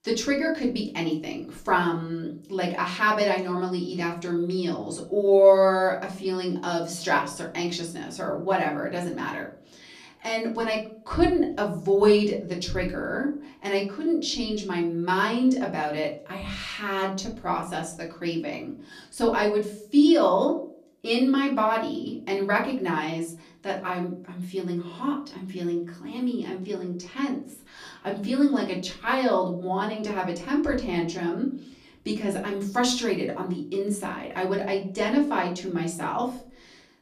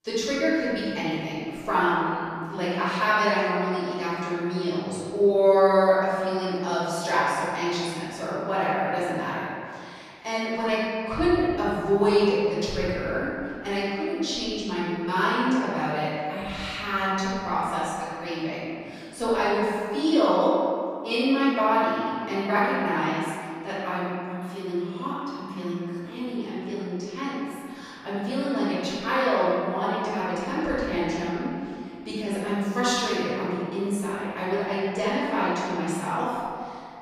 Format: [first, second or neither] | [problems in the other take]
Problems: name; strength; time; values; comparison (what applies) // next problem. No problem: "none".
first | room echo; strong; dies away in 2.1 s; slight in the first // off-mic speech; far; far in the first